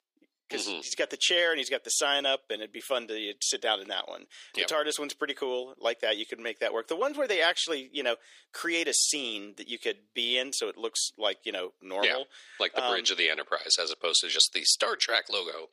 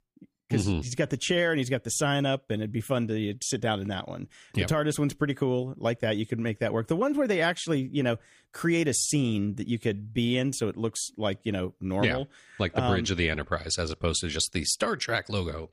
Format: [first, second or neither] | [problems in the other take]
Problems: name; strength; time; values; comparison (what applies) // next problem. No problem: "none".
second | thin; very; fading below 400 Hz